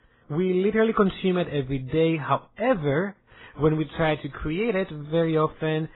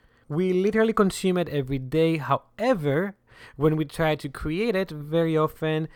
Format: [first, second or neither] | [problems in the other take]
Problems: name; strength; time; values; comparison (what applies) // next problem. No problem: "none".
second | garbled, watery; badly; nothing above 4 kHz